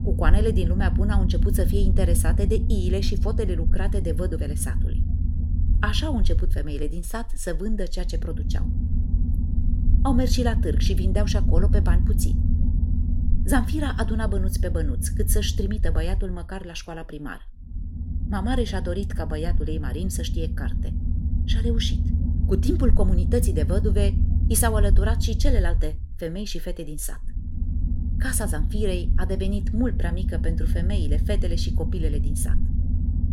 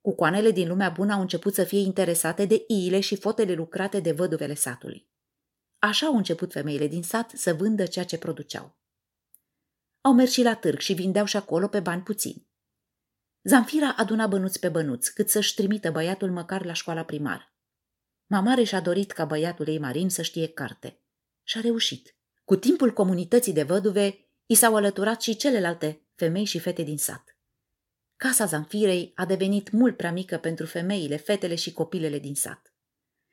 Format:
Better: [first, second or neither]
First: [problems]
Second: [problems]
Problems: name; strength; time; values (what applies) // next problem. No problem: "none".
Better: second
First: low rumble; loud; throughout; 9 dB below the speech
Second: none